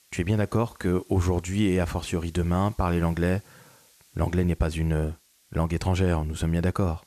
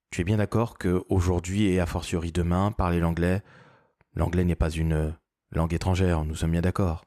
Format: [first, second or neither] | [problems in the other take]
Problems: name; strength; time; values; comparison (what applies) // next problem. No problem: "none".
second | hiss; faint; throughout; 30 dB below the speech